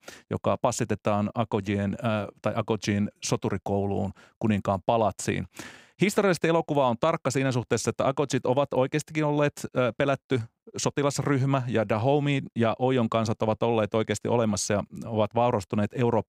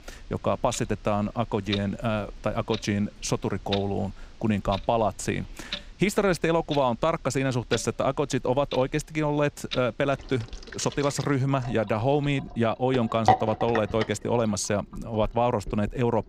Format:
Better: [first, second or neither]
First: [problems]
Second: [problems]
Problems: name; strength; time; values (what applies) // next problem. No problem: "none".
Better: first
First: none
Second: household noises; loud; throughout; 8 dB below the speech